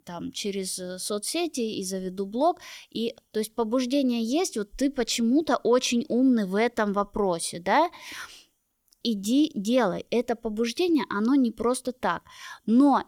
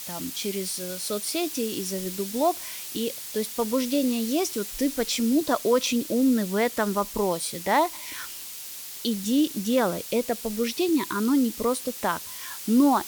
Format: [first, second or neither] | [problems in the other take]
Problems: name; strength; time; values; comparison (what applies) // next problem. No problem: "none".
first | hiss; loud; throughout; 8 dB below the speech